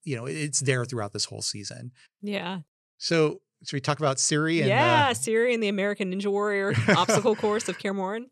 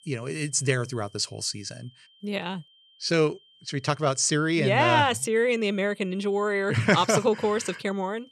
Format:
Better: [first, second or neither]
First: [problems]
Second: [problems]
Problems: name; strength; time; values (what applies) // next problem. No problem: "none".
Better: first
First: none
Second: high-pitched whine; faint; throughout; 3 kHz, 30 dB below the speech